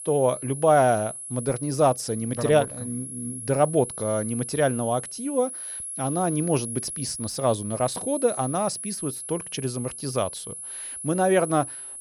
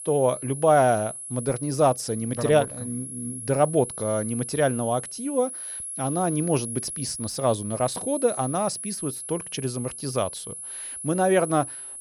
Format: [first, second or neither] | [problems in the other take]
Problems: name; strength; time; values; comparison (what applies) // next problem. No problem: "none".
neither | high-pitched whine; loud; throughout; 11 kHz, 8 dB below the speech; the same in both